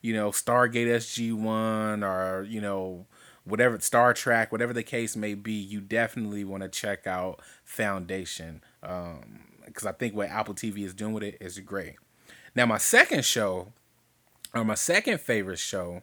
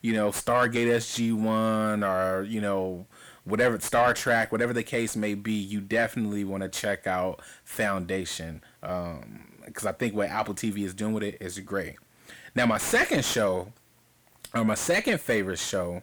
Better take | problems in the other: first | distortion; heavy; 8 dB below the speech

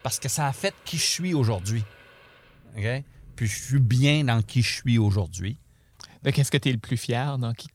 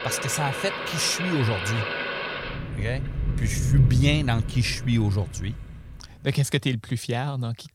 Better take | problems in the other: first | rain or running water; loud; until 6 s; 4 dB below the speech; faint in the first

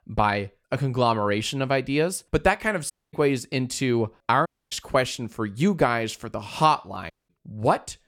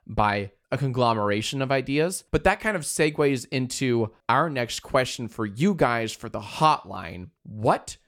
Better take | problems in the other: second | audio cutting out; at 3 s, at 4.5 s and at 7 s

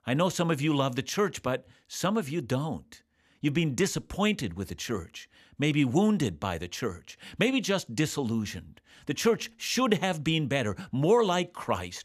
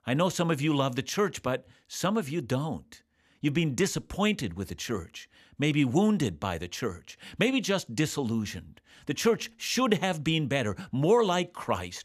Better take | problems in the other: neither | none

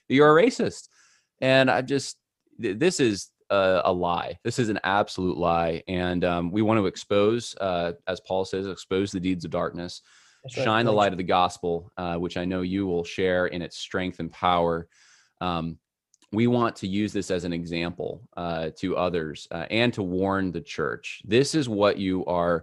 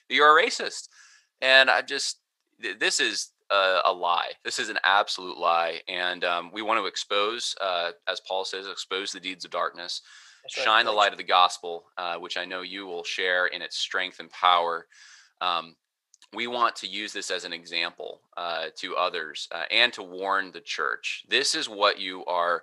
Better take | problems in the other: first | thin; very; fading below 800 Hz

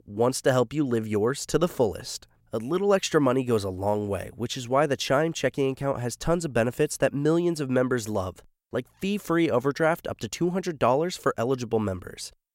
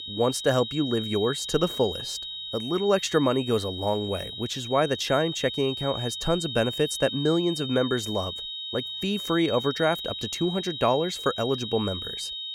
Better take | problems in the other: first | high-pitched whine; loud; throughout; 4 kHz, 6 dB below the speech

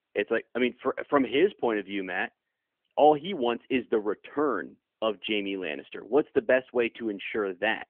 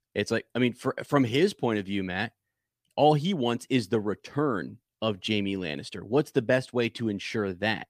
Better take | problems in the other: second | phone-call audio; nothing above 3.5 kHz

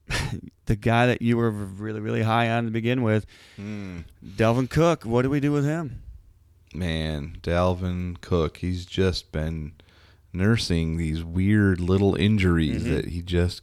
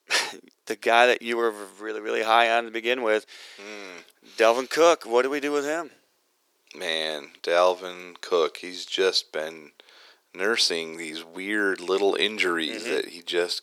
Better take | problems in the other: first | thin; very; fading below 400 Hz

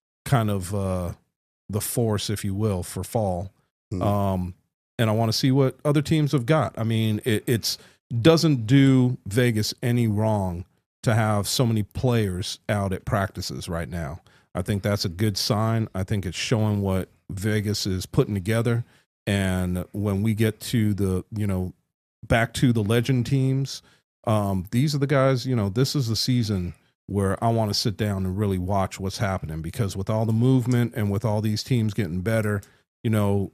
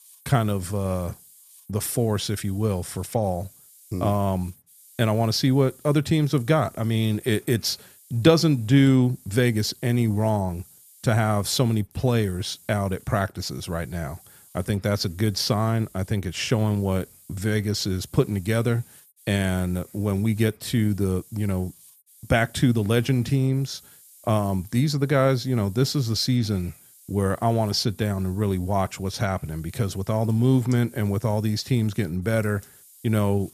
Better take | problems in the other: first | hiss; faint; throughout; 25 dB below the speech

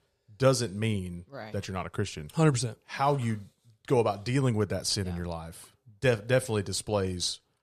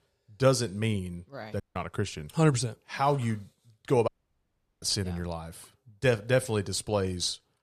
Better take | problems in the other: first | audio cutting out; at 1.5 s and at 4 s for 0.5 s

